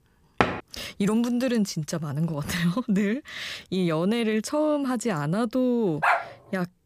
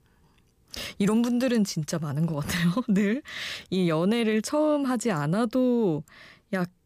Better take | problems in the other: second | door banging; loud; at 0.5 s; peak level with the speech // dog barking; loud; at 6 s; peak 2 dB above the speech

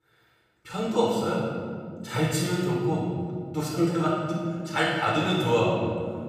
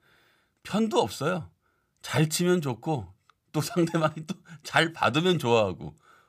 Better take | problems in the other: second | room echo; strong; dies away in 2.1 s // off-mic speech; far

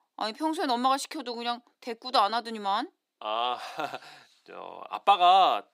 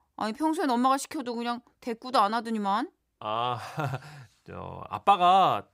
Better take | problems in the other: second | thin; very slightly; fading below 250 Hz

